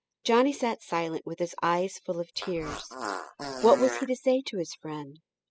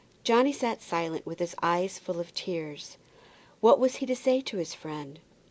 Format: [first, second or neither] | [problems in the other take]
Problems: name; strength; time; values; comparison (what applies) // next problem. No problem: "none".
second | noise reduction (classical method spectral subtraction)